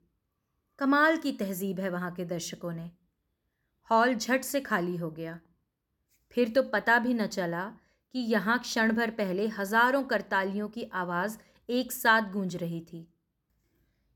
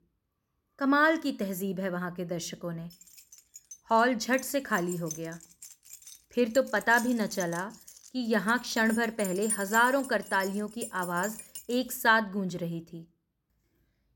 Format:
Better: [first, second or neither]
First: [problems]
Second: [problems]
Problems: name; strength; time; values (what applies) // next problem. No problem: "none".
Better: first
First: none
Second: jangling keys; noticeable; from 3.5 to 12 s; peak 3 dB below the speech